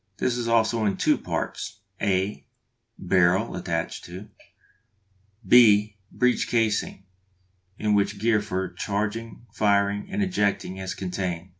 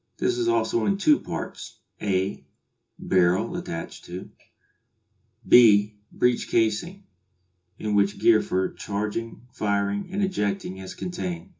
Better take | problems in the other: first | room echo; dies away in 0.2 s

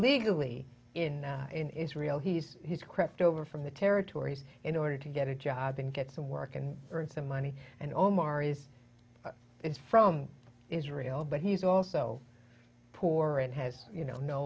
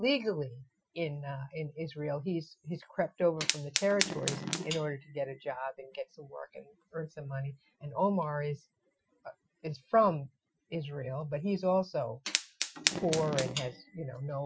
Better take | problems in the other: first | noise reduction (classical method Wiener filter)

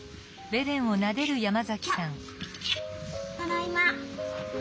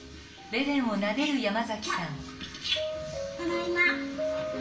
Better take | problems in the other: first | room echo; dies away in 0.7 s

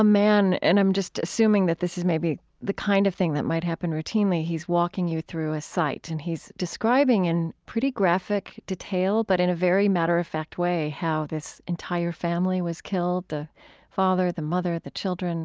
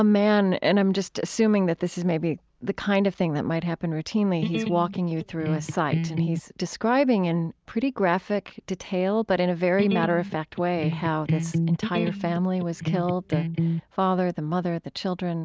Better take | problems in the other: first | background sound (Electric guitar); 4 dB below the speech

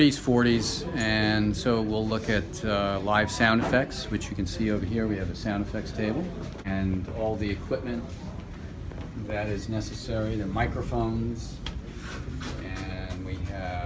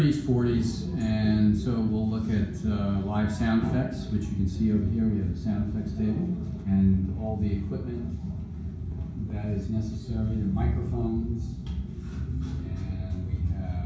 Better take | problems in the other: first | room echo; dies away in 0.6 s

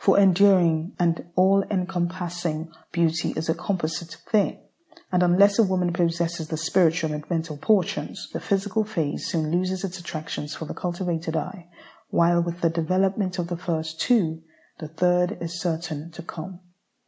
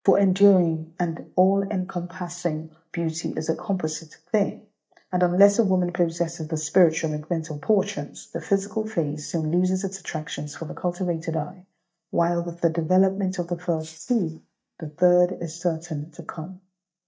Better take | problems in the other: first | noise reduction (neural mask model DeepFilterNet 3)

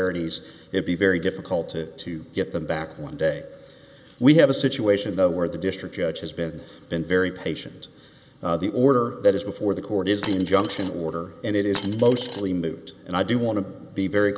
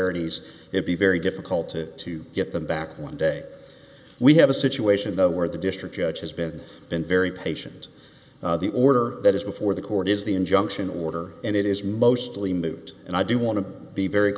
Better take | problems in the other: second | background sound (Coin (dropping)); 13 dB below the speech

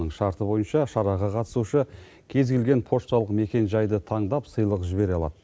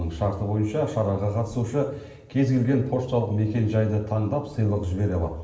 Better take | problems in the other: first | room echo; dies away in 0.9 s

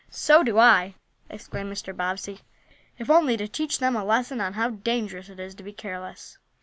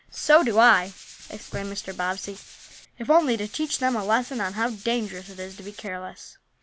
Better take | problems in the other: first | background sound (Tools); 19 dB below the speech

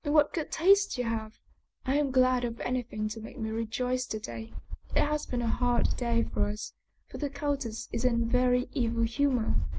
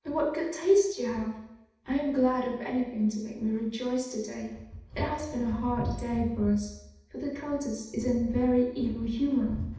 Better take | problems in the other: first | room echo; dies away in 0.8 s

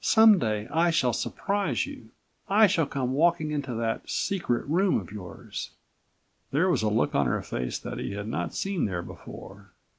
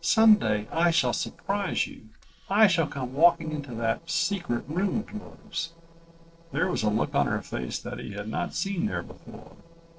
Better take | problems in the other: first | noise reduction (neural separator model SepFormer DNS4)

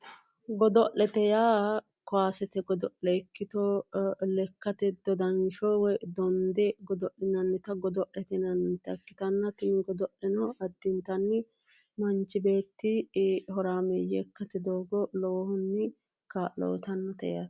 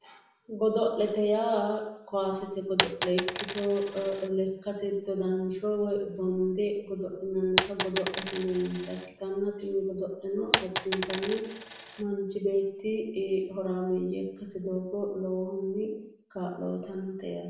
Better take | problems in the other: first | background sound (Coin (dropping)); 3 dB below the speech // room echo; dies away in 0.7 s

